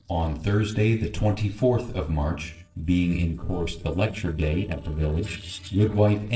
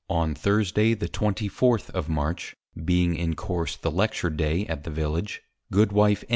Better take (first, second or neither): second